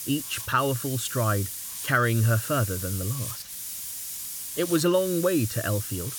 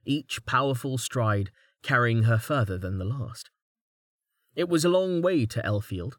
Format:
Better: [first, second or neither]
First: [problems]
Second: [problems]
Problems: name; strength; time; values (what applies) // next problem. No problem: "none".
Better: second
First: hiss; loud; throughout; 7 dB below the speech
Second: none